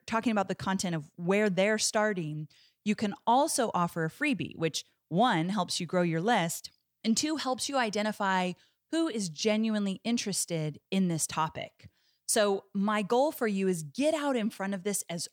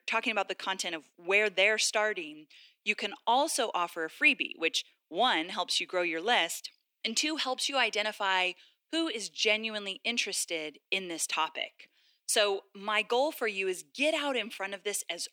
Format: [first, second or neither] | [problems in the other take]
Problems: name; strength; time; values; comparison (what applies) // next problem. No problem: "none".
first | thin; somewhat; fading below 300 Hz